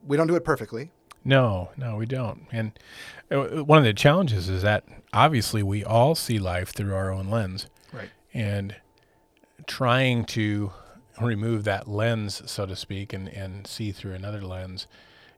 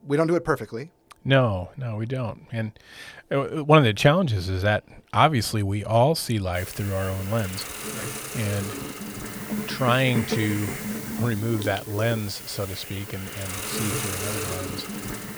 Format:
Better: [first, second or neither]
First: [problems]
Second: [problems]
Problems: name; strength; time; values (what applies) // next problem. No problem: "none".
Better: first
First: none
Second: hiss; loud; from 6.5 s on; 7 dB below the speech